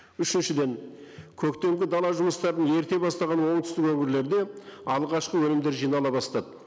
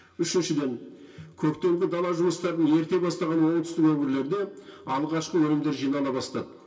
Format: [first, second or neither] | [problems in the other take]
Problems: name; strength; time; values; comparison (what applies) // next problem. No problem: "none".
first | room echo; dies away in 0.2 s